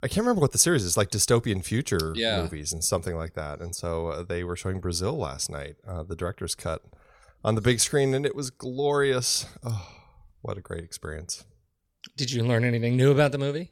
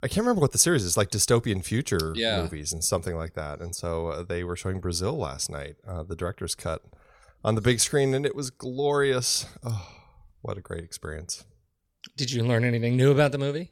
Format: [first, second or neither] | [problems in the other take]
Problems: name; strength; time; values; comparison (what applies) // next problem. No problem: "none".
neither | none